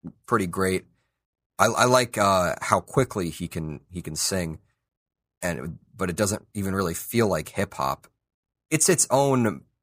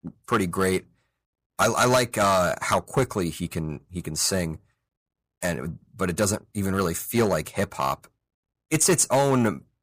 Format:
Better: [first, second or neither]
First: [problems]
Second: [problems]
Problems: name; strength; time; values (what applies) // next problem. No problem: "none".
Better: first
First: none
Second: distortion; slight; 3% of the sound clipped